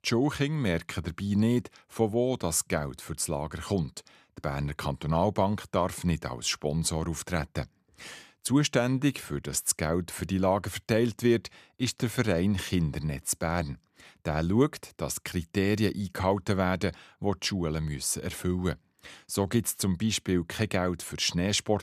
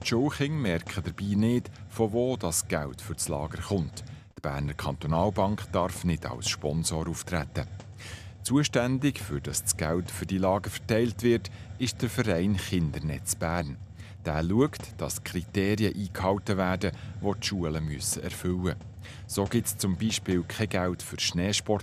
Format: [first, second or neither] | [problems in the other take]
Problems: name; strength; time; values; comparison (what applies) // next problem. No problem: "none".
first | hiss; noticeable; throughout; 15 dB below the speech